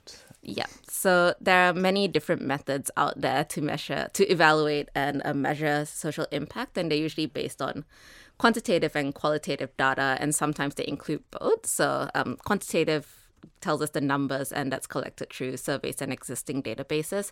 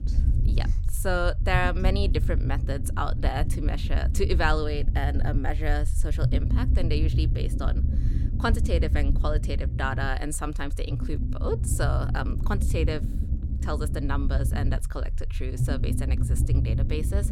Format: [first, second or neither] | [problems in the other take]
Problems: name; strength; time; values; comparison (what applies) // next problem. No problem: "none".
first | low rumble; noticeable; throughout; 10 dB below the speech